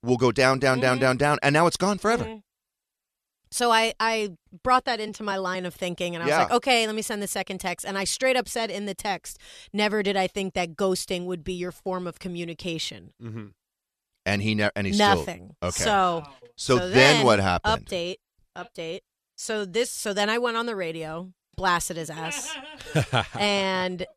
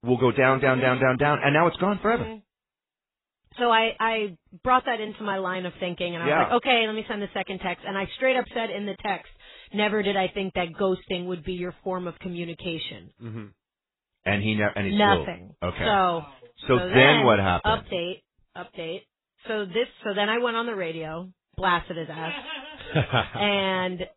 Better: first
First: none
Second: garbled, watery; badly; nothing above 4 kHz

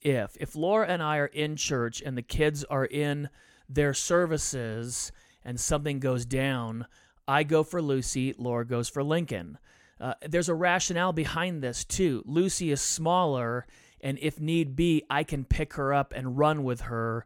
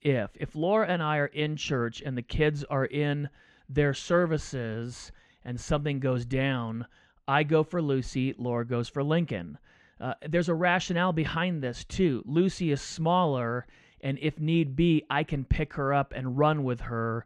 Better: first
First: none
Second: muffled; slightly; fading above 3 kHz

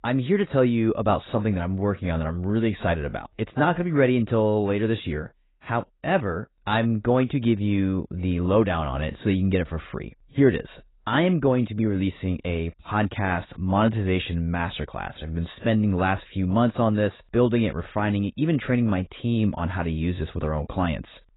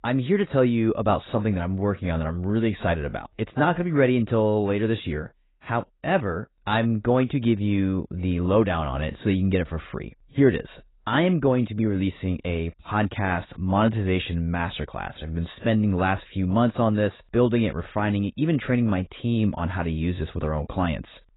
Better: neither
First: garbled, watery; badly; nothing above 4 kHz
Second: garbled, watery; badly; nothing above 4 kHz

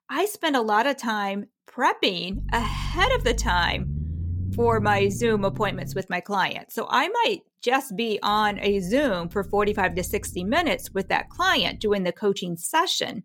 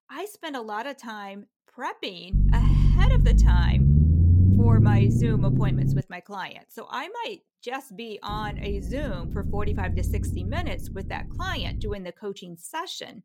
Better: first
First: low rumble; faint; from 2.5 to 6 s and from 8.5 to 12 s; 25 dB below the speech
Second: low rumble; loud; from 2.5 to 6 s and from 8.5 to 12 s; 1 dB below the speech

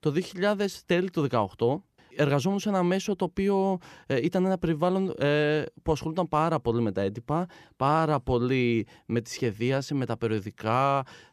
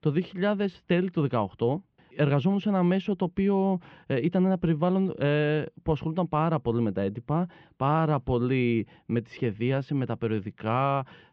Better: first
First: none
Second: muffled; slightly; fading above 3 kHz

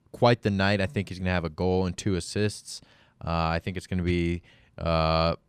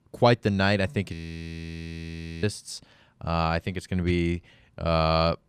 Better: first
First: none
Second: audio freezing; at 1 s for 1.5 s

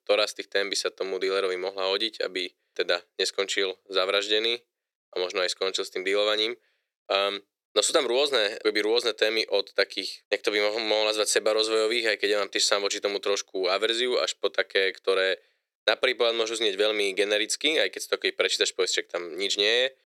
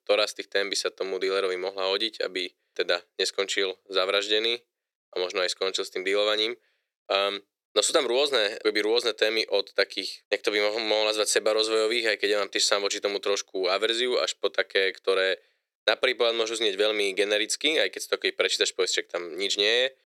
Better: neither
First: thin; very; fading below 400 Hz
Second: thin; very; fading below 400 Hz

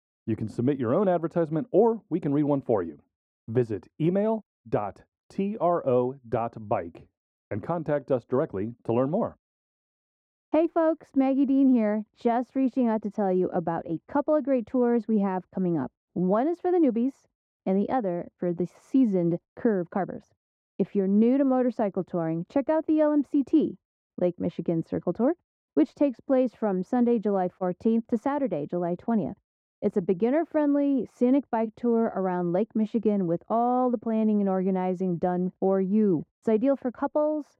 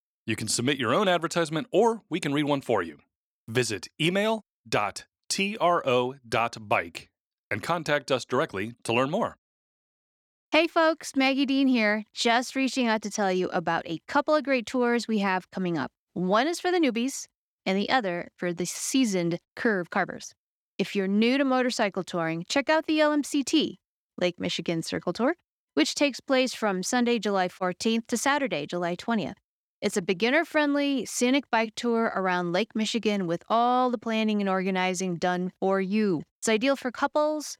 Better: second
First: muffled; very; fading above 1.5 kHz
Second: none

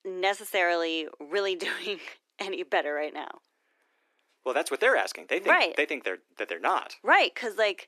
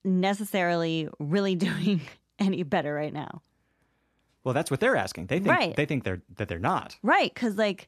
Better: second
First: thin; very; fading below 350 Hz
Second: none

